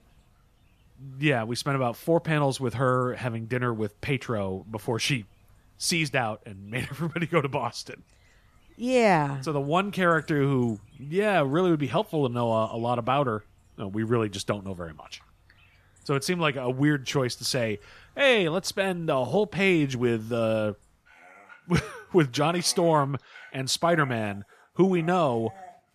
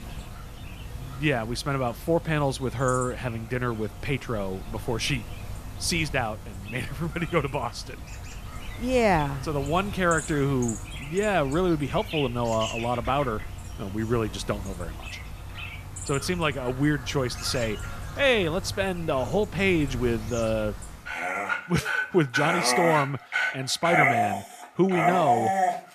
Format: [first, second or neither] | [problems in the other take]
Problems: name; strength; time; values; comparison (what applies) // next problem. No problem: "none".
first | animal sounds; loud; throughout; 6 dB below the speech; faint in the first